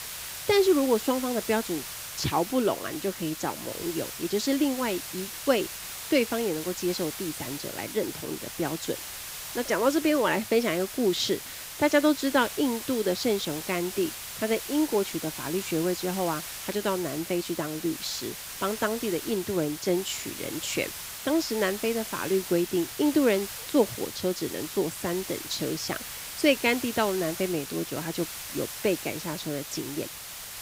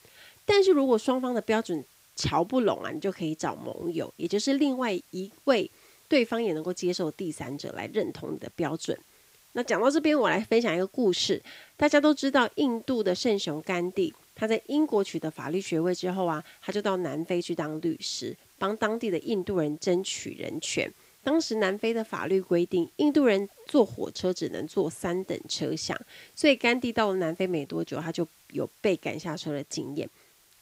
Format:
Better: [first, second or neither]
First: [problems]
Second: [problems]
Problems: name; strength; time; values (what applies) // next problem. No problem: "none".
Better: second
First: hiss; loud; throughout; 8 dB below the speech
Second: hiss; faint; throughout; 30 dB below the speech